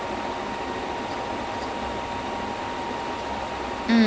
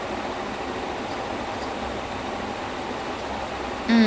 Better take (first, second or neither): second